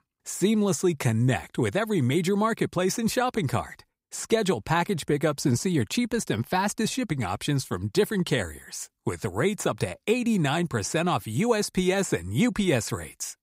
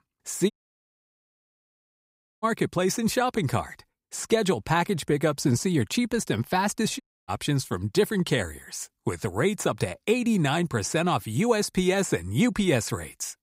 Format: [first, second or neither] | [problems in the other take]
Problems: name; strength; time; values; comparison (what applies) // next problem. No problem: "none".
first | audio cutting out; at 0.5 s for 2 s and at 7 s